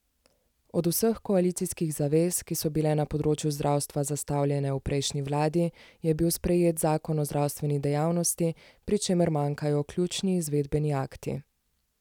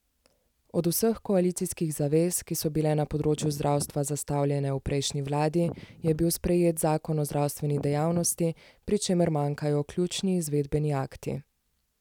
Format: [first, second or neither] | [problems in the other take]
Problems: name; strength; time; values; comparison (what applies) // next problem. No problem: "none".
first | background sound (Wind); 14 dB below the speech